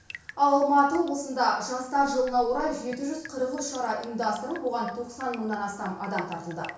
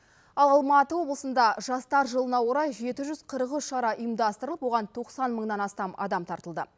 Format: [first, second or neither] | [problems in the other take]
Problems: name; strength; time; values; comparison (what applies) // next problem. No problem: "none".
second | background sound (Drip); 20 dB below the speech // room echo; dies away in 0.6 s